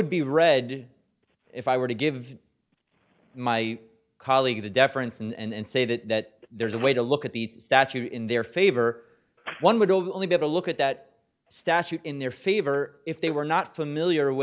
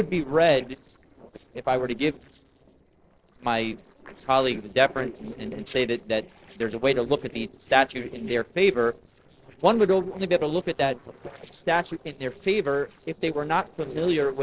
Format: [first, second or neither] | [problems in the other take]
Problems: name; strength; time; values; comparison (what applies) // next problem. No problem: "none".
first | noise reduction (neural separator model SepFormer DNS4)